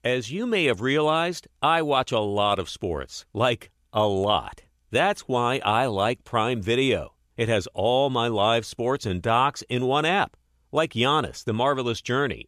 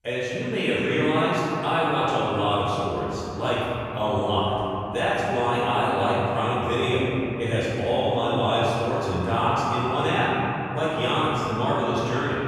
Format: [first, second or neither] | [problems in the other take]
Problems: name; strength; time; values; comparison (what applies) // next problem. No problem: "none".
first | room echo; strong; dies away in 3 s // off-mic speech; far